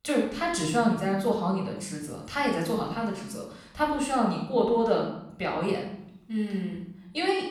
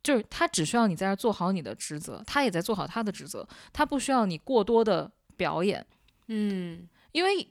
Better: second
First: off-mic speech; far // room echo; noticeable; dies away in 0.6 s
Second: none

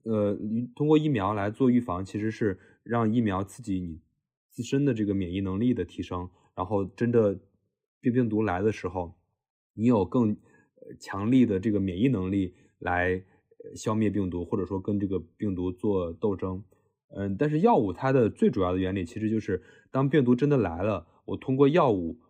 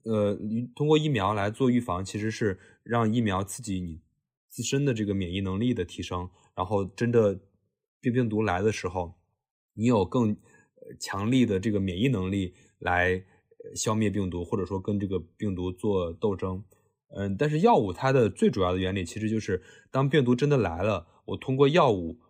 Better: second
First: muffled; slightly; fading above 3 kHz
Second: none

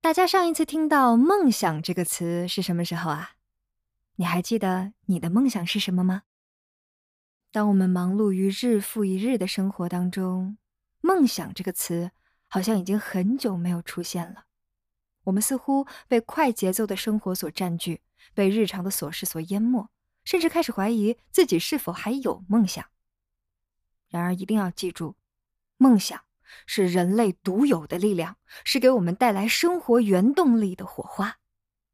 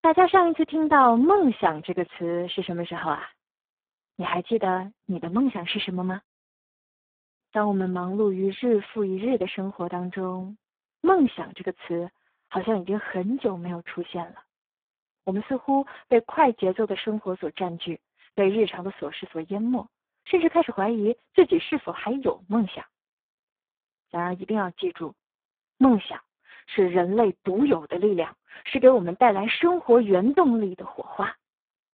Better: first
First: none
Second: phone-call audio; poor line

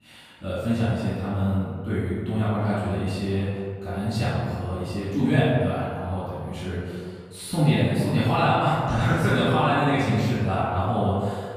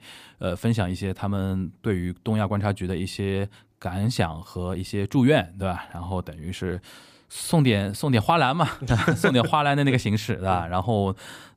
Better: second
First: room echo; strong; dies away in 1.7 s // off-mic speech; far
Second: none

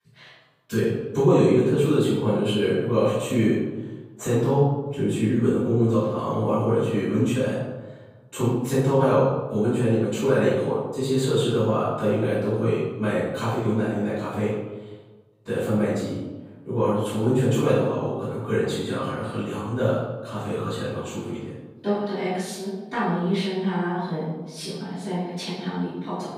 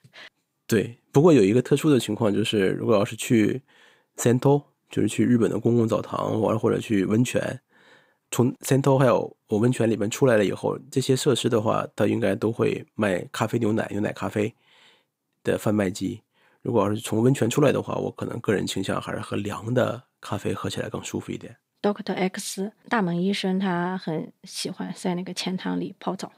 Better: second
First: off-mic speech; far // room echo; strong; dies away in 1.1 s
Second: none

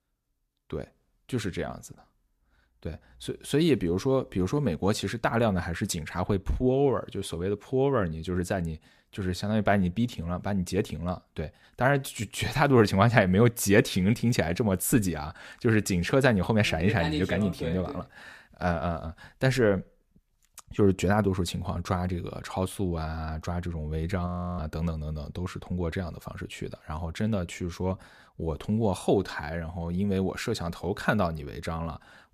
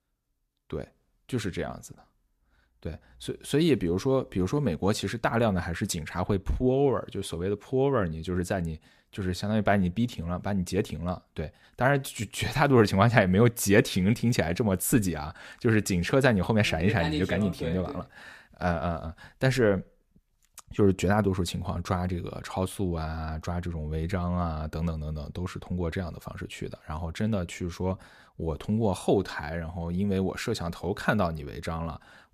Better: second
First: audio freezing; at 24 s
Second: none

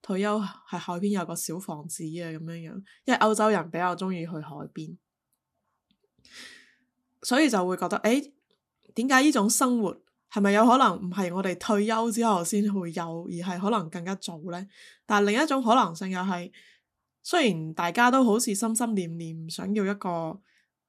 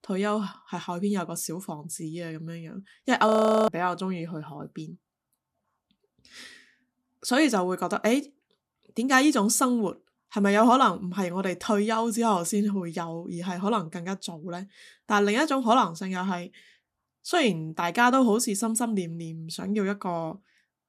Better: first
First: none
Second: audio freezing; at 3.5 s

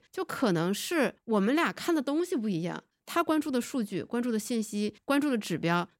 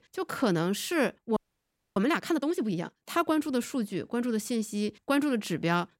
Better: first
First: none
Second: audio freezing; at 1.5 s for 0.5 s

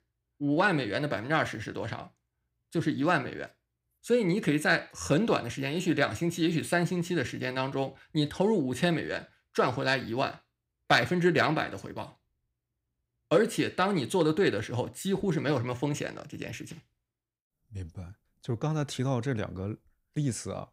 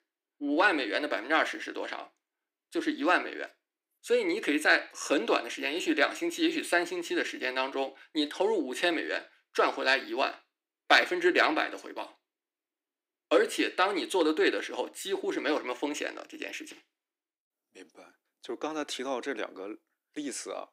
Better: first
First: none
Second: thin; somewhat; fading below 300 Hz

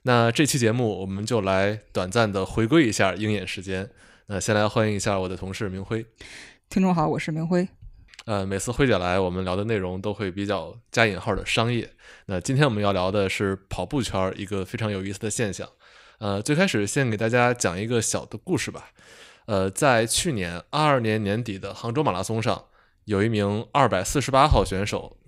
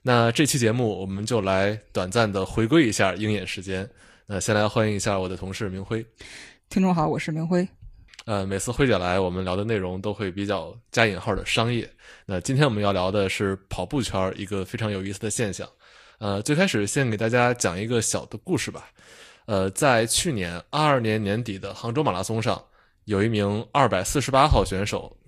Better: first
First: none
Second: garbled, watery; slightly

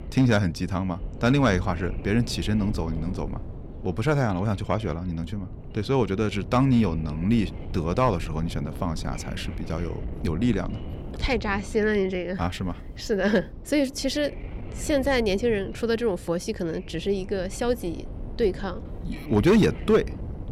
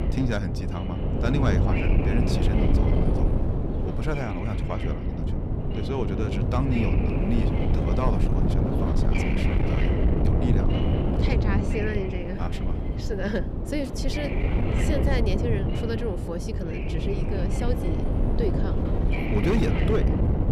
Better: first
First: wind noise on the microphone; occasional gusts; 20 dB below the speech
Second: wind noise on the microphone; heavy; 1 dB above the speech

